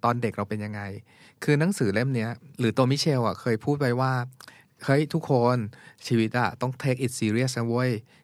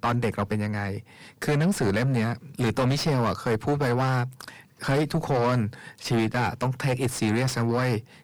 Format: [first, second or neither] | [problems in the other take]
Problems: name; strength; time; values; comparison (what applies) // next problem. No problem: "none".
first | distortion; heavy; 5 dB below the speech